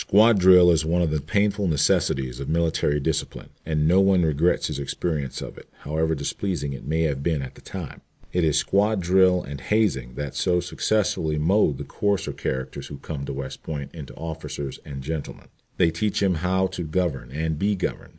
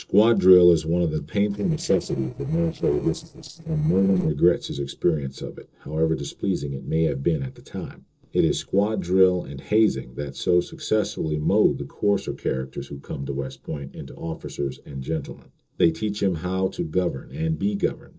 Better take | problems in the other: first | noise reduction (neural separator model SepFormer DNS4)

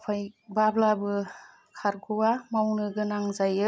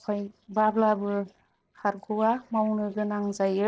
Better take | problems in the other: first | noise reduction (neural separator model SepFormer DNS4)

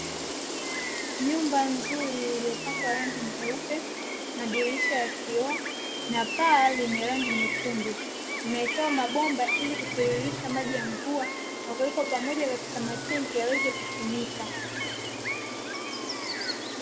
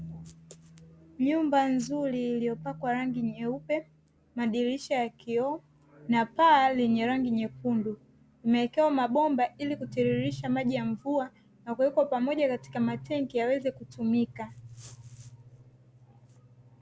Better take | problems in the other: second | background sound (Gull, seagull); 2 dB below the speech // room echo; dies away in 1 s

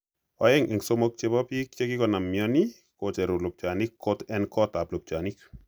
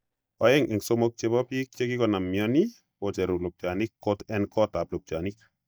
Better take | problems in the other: first | noise reduction (neural mask model DeepFilterNet 3)

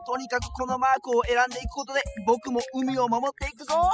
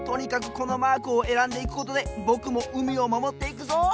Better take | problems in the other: second | noise reduction (classical method spectral subtraction)

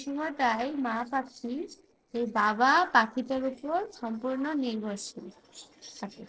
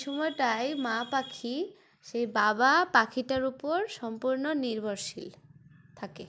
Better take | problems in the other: second | noise reduction (neural separator model SepFormer DNS4)

